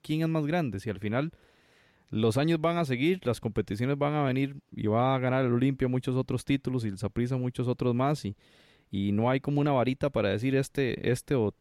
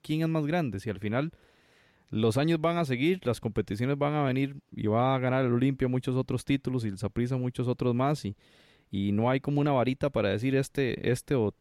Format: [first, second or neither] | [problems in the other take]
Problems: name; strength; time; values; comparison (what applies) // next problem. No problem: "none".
neither | none